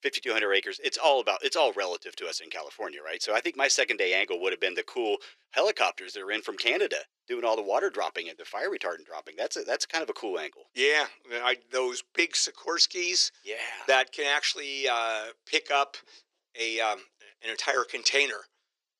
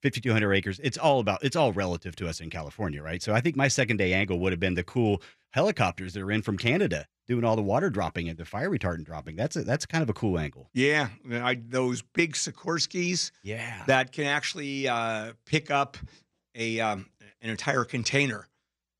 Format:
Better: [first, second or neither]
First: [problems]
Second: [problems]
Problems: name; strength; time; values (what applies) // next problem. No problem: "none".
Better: second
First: thin; very; fading below 350 Hz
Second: none